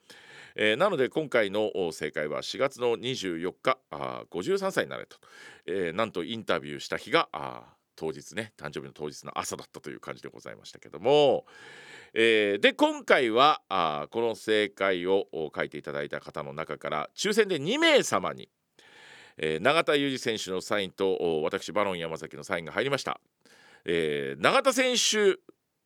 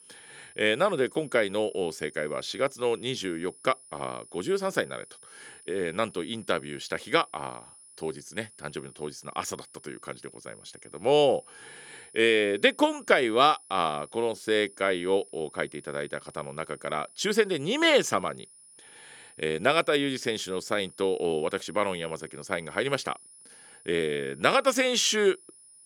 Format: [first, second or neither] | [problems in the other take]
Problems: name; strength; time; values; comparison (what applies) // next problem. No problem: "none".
first | high-pitched whine; faint; throughout; 10.5 kHz, 25 dB below the speech